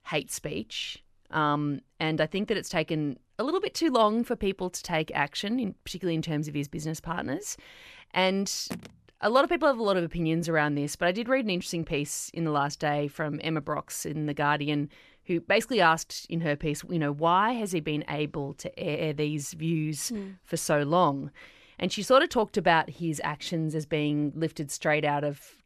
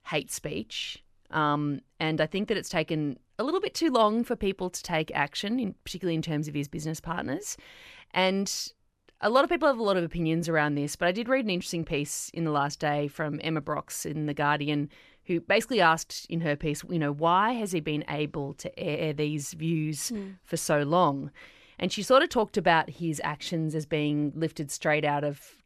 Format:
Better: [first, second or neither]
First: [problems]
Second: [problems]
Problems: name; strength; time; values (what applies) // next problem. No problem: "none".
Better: second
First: phone ringing; faint; at 8.5 s; peak 15 dB below the speech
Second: none